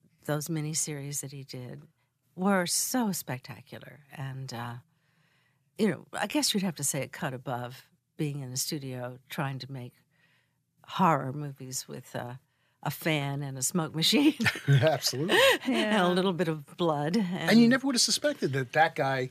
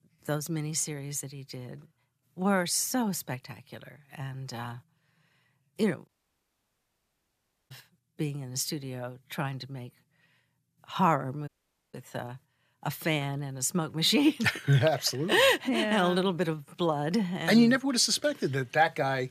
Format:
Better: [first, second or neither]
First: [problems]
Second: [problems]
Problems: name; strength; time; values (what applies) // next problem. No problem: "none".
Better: first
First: none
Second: audio cutting out; at 6 s for 1.5 s and at 11 s